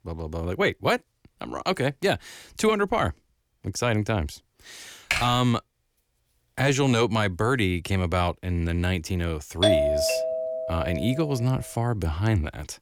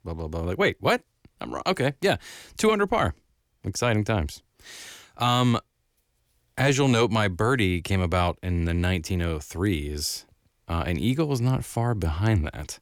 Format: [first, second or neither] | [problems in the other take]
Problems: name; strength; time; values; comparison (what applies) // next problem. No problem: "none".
second | keyboard typing; noticeable; at 5 s; peak 1 dB below the speech // doorbell; loud; from 9.5 to 11 s; peak 5 dB above the speech